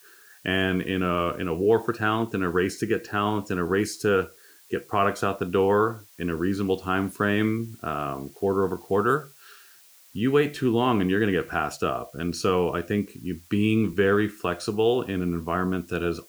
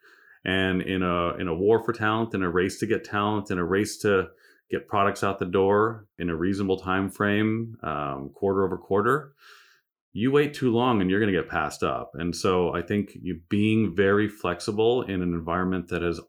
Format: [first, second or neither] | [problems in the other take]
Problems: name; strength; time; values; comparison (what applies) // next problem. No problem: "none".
second | hiss; faint; throughout; 25 dB below the speech